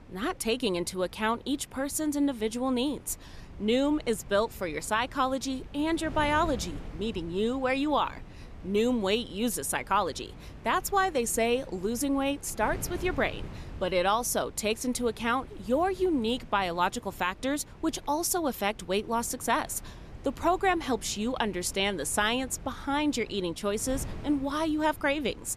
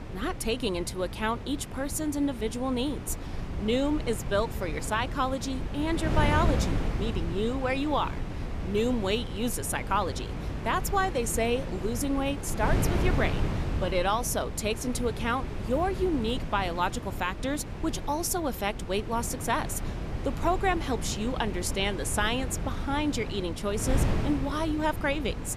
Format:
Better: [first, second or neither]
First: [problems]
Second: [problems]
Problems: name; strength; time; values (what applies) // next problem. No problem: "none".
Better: first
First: wind noise on the microphone; occasional gusts; 25 dB below the speech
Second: wind noise on the microphone; heavy; 10 dB below the speech